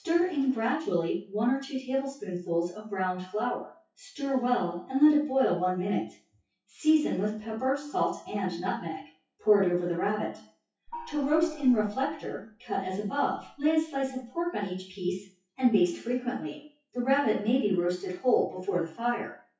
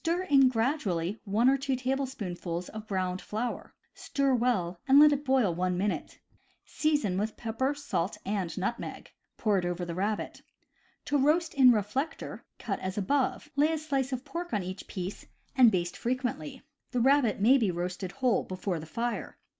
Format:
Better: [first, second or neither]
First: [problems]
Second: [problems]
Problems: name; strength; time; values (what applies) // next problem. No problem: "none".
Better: second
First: noise reduction (classical method WPE with log-MMSE)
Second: none